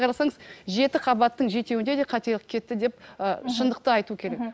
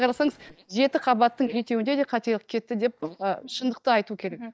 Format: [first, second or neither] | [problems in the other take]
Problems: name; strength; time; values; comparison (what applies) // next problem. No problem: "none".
first | noise reduction (neural mask model DeepFilterNet 3)